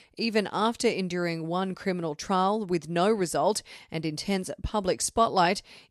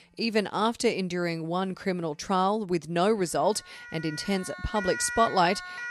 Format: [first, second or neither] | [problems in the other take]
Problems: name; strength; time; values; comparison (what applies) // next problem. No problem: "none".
first | alarms or sirens; loud; throughout; 9 dB below the speech